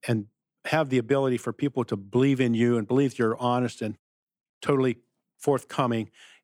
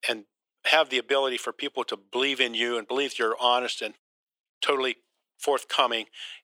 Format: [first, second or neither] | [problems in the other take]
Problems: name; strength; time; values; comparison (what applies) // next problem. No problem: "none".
first | thin; very; fading below 500 Hz